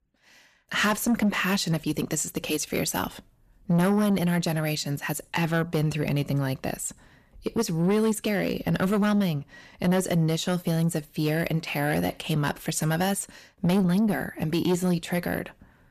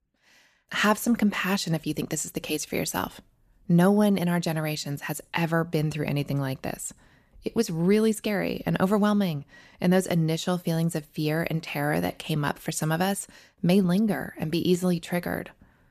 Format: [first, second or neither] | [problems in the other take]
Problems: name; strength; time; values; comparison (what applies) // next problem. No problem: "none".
second | distortion; slight; 10 dB below the speech